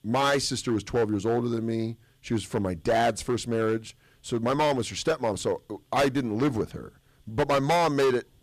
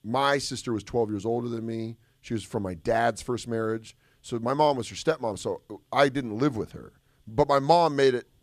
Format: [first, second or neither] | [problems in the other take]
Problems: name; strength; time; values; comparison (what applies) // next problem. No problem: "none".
second | distortion; heavy; 9% of the sound clipped